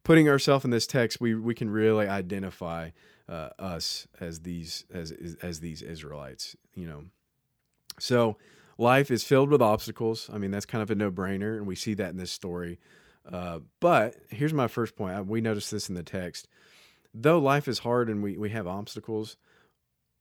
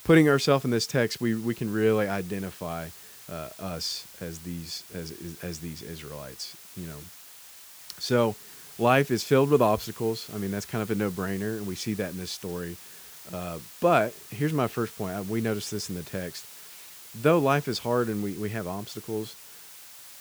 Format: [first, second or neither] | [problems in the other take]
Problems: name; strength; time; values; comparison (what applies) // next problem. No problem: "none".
first | hiss; noticeable; throughout; 15 dB below the speech